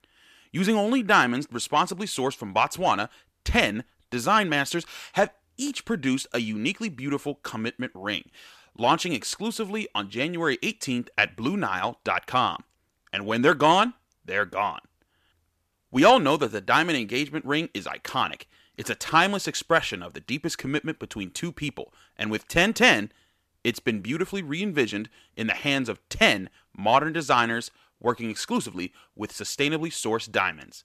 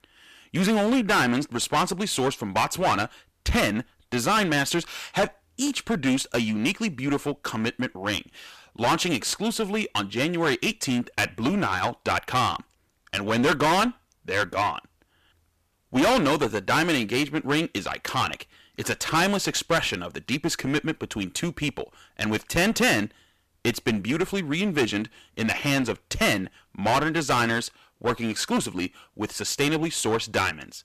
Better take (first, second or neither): first